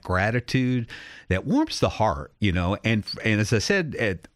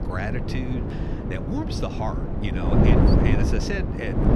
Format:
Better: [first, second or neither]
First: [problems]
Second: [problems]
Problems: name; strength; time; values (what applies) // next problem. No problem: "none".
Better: first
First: none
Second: wind noise on the microphone; heavy; 2 dB above the speech